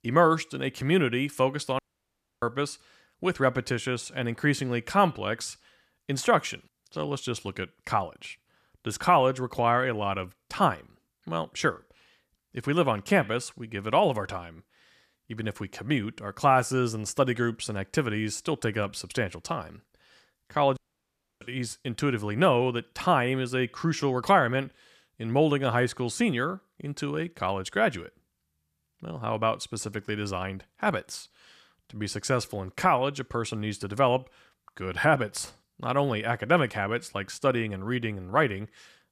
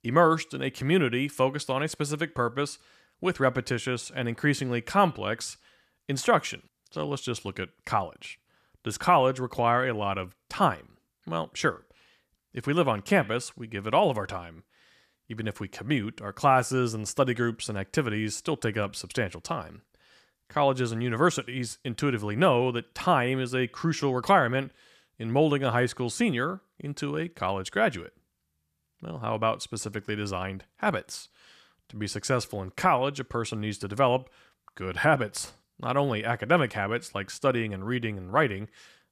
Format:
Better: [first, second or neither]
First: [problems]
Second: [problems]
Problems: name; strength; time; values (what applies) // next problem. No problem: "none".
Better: second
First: audio cutting out; at 2 s for 0.5 s and at 21 s for 0.5 s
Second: none